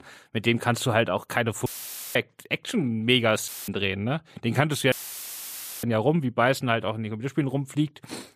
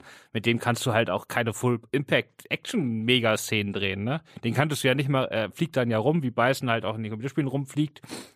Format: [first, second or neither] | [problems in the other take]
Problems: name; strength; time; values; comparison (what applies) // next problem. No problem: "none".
second | audio cutting out; filled with static; at 1.5 s, at 3.5 s and at 5 s for 1 s